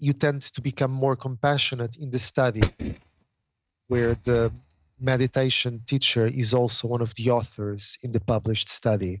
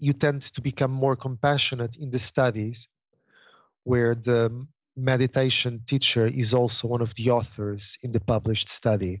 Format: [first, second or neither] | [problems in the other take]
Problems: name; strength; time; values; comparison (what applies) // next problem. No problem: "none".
second | noise reduction (neural mask model RNNoise)